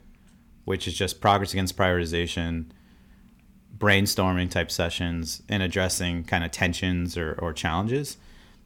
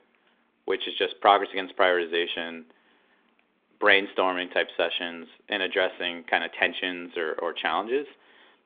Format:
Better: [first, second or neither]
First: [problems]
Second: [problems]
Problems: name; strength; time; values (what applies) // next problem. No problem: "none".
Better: first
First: none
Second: phone-call audio; nothing above 3.5 kHz